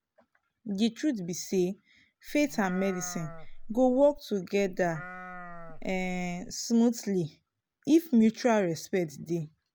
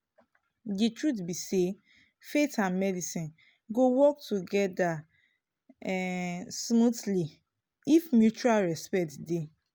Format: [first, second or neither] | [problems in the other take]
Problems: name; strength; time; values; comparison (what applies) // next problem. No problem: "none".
second | background sound (Livestock, farm animals, working animals); 13 dB below the speech